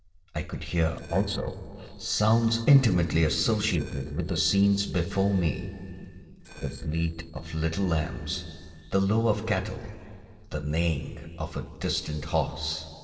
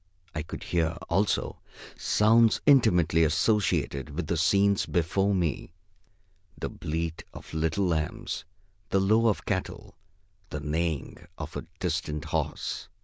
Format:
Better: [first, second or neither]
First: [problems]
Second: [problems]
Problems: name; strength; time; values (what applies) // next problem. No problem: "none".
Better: second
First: noise reduction (neural separator model SepFormer DNS4)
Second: none